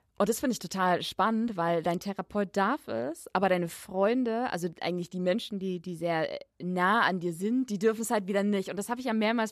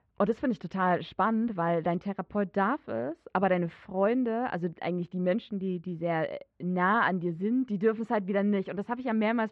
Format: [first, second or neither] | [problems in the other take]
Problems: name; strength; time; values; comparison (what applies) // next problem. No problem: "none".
first | muffled; very; fading above 2.5 kHz